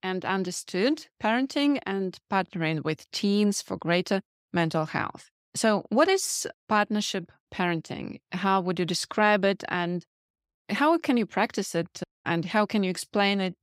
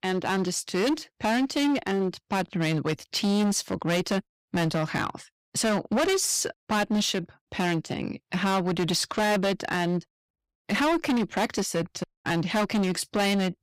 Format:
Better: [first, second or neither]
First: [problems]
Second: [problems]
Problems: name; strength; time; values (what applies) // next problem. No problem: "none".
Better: first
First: none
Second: distortion; heavy; 16% of the sound clipped